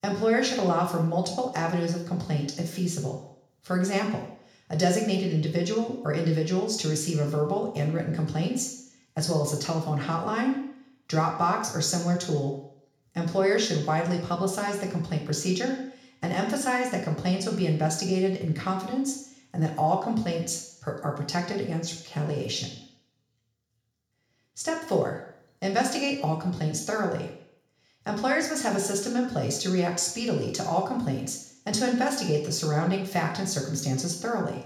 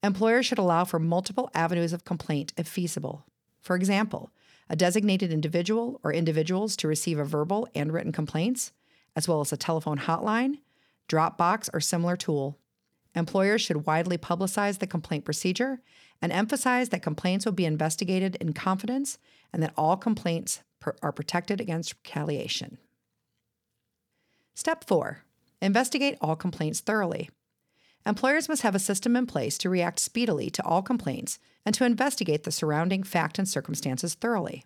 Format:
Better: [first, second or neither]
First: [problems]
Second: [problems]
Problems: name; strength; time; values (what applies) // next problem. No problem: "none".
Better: second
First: room echo; noticeable; dies away in 0.6 s // off-mic speech; far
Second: none